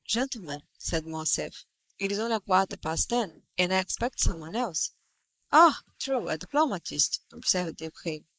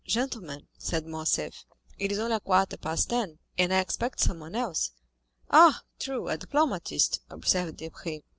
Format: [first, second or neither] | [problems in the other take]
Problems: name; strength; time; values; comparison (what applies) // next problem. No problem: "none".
second | noise reduction (neural mask model Resemble Enhance denoiser)